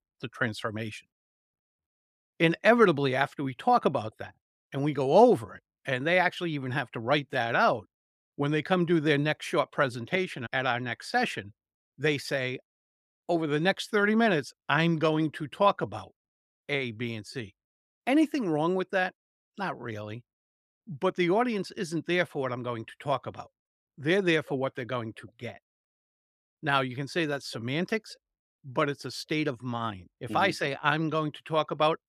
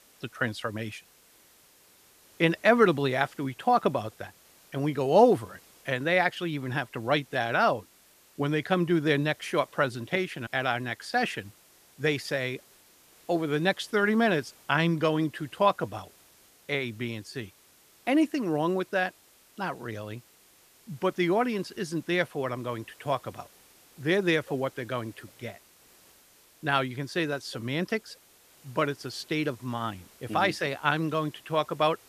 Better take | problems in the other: first | hiss; faint; throughout; 25 dB below the speech

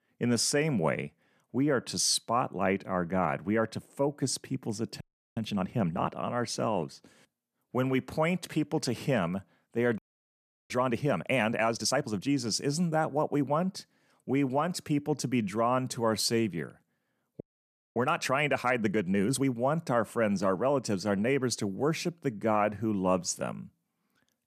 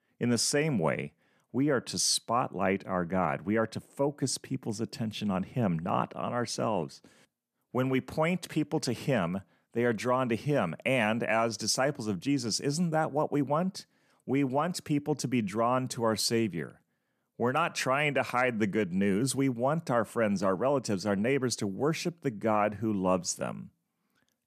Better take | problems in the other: second | audio freezing; at 5 s, at 10 s for 0.5 s and at 17 s for 0.5 s

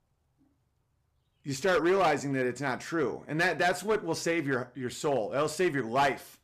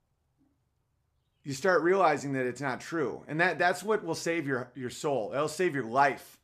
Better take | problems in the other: second | distortion; slight; 5% of the sound clipped

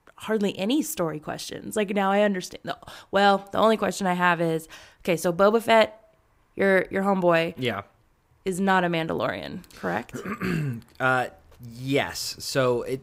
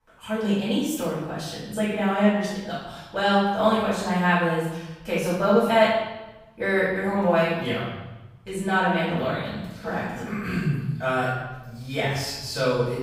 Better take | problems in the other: first | off-mic speech; far // room echo; strong; dies away in 1.1 s

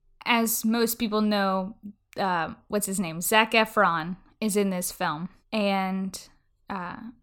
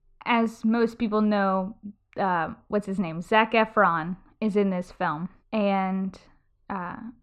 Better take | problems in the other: first | muffled; very; fading above 2 kHz

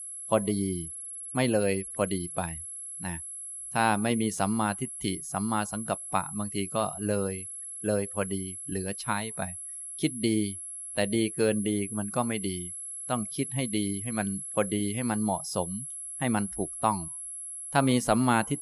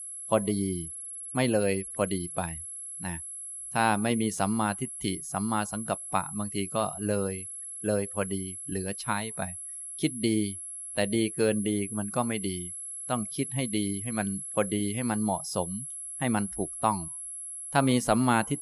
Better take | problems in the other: neither | high-pitched whine; loud; throughout; 11 kHz, 6 dB below the speech; the same in both

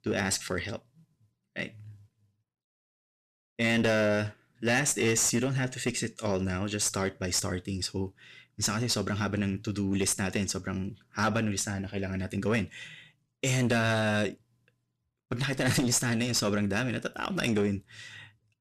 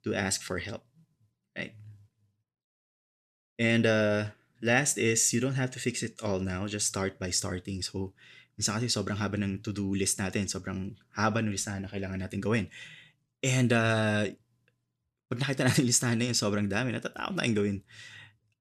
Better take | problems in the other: second | distortion; slight; 7% of the sound clipped

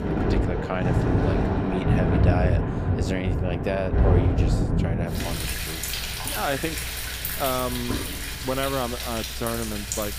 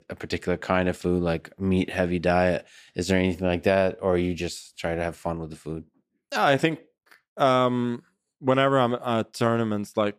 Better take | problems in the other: second | rain or running water; very loud; throughout; 5 dB above the speech

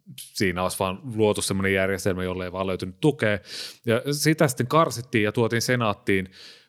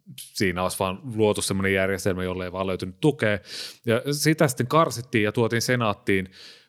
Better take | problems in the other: neither | none

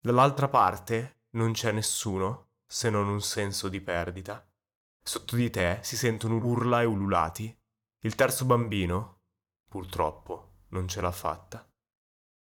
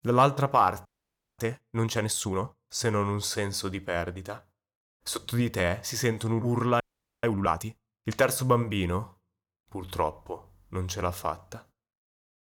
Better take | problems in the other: first | audio freezing; at 1 s for 0.5 s and at 7 s

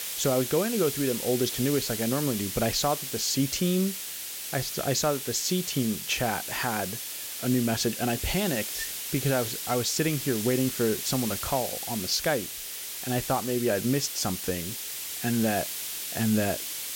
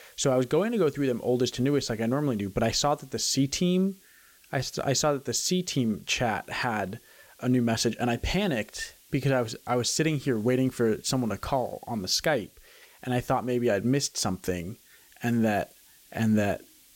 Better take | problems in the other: second | hiss; loud; throughout; 4 dB below the speech; faint in the second

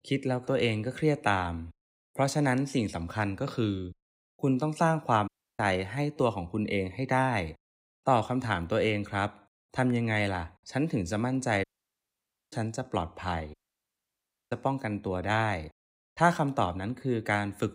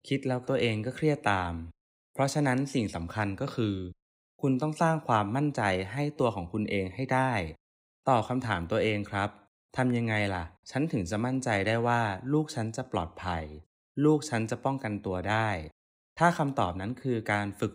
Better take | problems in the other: second | audio cutting out; at 5.5 s, at 12 s for 1 s and at 14 s for 1 s

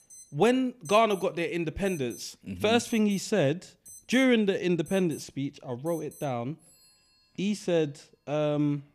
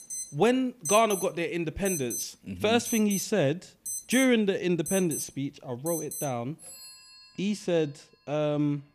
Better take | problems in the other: first | alarms or sirens; loud; throughout; 7 dB below the speech; faint in the first

